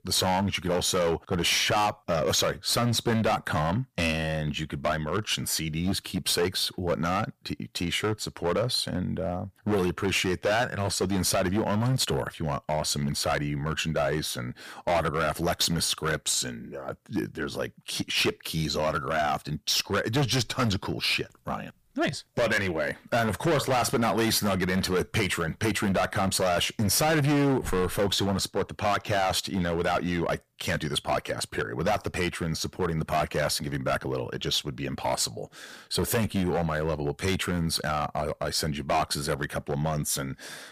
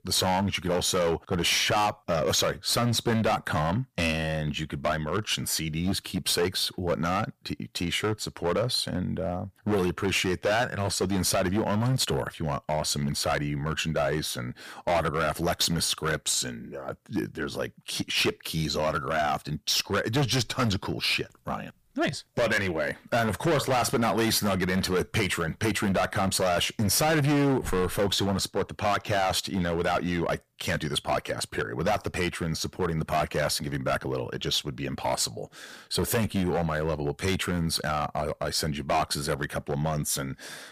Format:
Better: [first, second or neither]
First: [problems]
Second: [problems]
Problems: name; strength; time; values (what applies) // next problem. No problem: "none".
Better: neither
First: distortion; heavy; 10% of the sound clipped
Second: distortion; heavy; 10% of the sound clipped